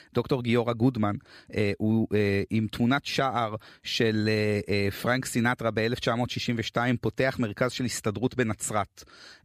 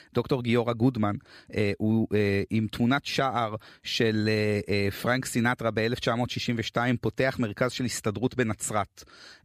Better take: neither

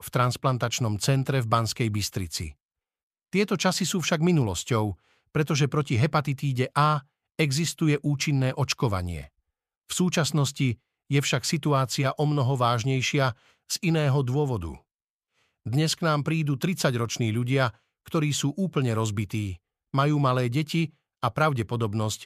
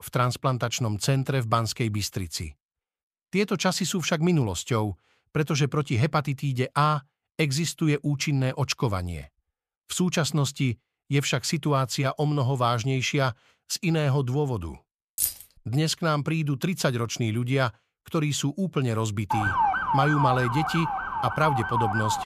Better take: first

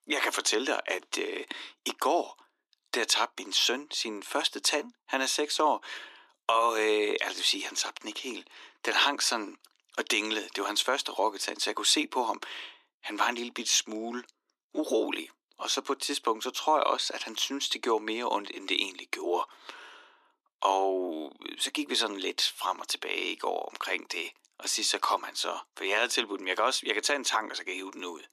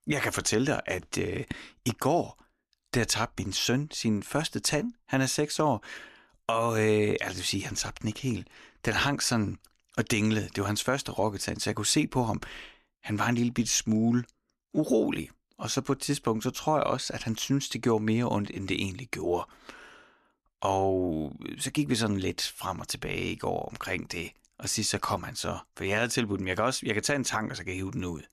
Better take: second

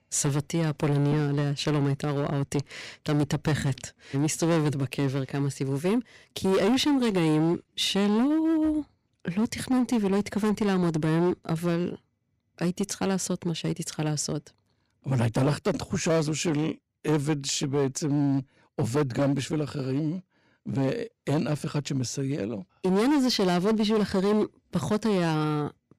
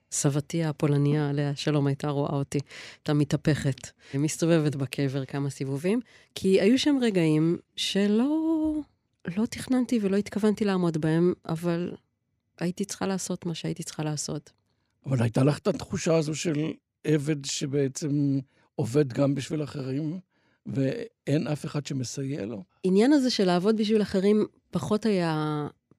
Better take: second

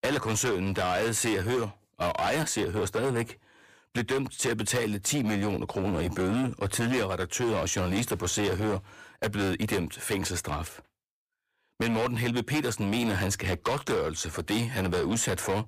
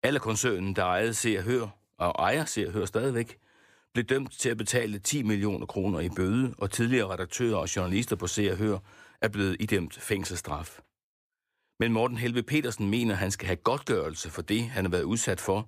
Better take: second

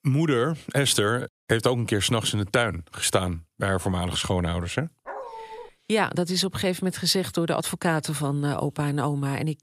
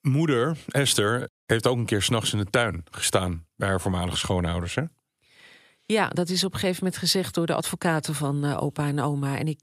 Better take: second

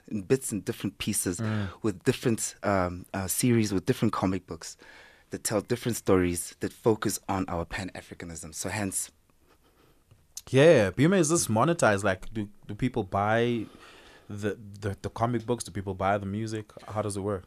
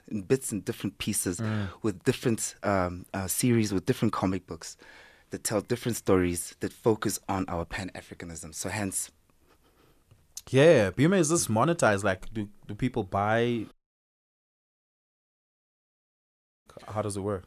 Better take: first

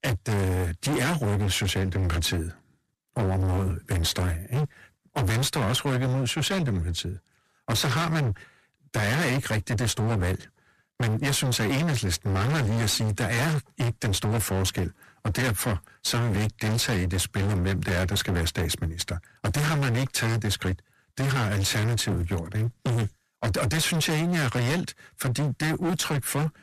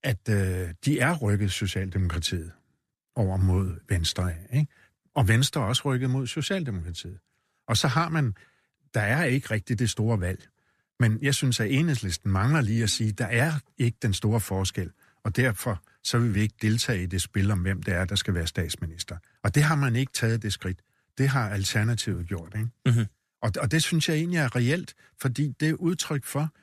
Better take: second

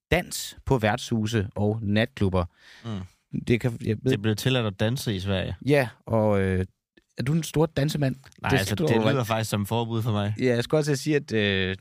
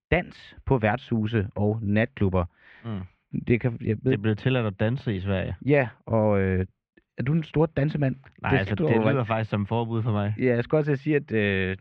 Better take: first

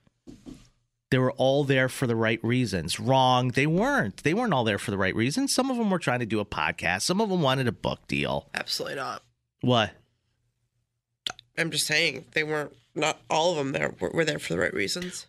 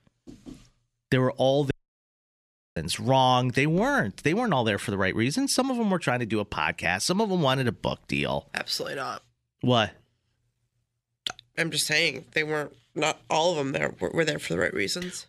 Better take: first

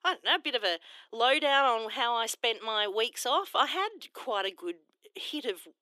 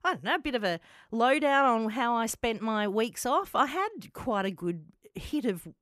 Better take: second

